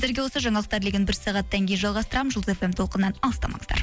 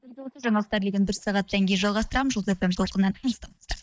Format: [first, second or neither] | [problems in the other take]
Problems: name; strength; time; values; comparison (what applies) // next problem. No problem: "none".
first | noise reduction (neural mask model DeepFilterNet 3)